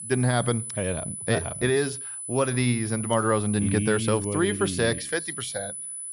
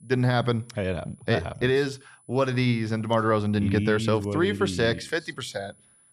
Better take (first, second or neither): second